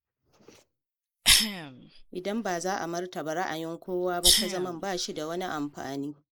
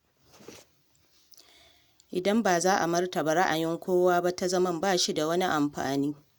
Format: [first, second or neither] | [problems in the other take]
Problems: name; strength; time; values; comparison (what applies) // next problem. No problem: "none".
second | noise reduction (neural mask model Resemble Enhance denoiser)